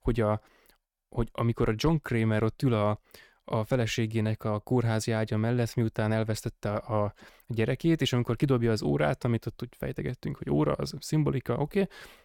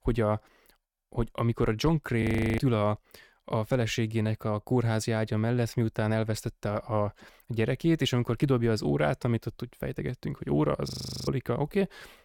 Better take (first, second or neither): first